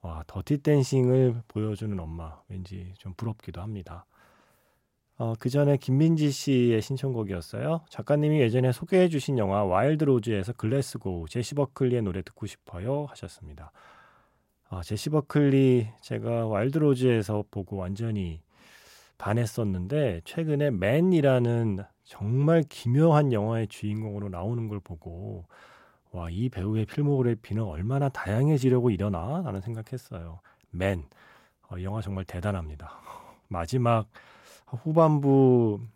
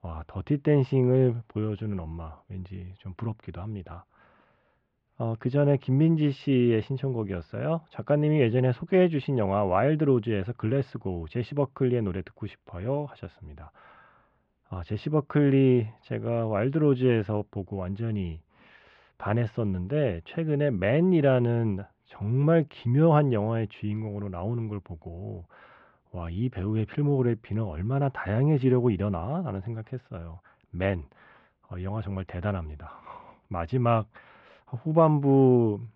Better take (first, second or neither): first